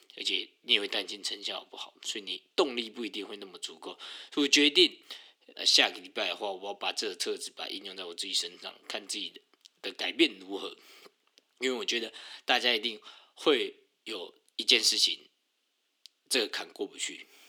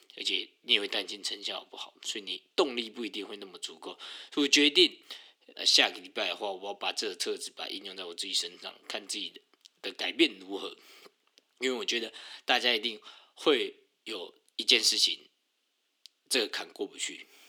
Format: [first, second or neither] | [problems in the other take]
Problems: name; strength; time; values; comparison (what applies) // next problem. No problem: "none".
neither | thin; very slightly; fading below 250 Hz; the same in both